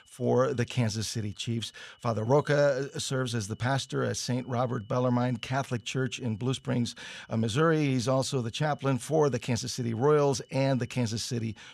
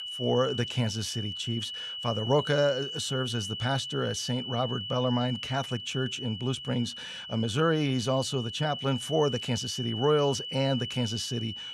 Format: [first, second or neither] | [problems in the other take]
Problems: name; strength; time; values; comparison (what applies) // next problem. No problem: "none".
first | high-pitched whine; loud; throughout; 3 kHz, 6 dB below the speech; faint in the first